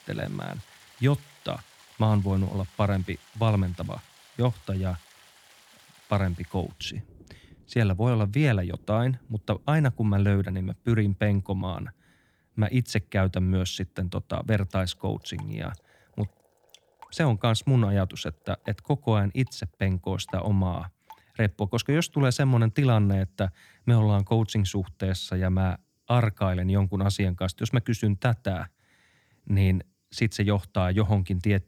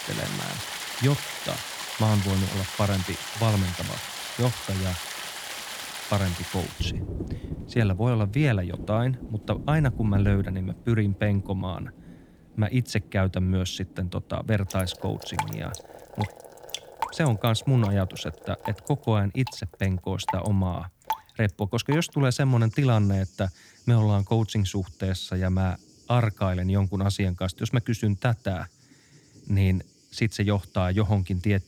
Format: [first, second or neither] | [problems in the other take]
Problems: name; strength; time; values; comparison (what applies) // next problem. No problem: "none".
first | rain or running water; loud; throughout; 9 dB below the speech; faint in the first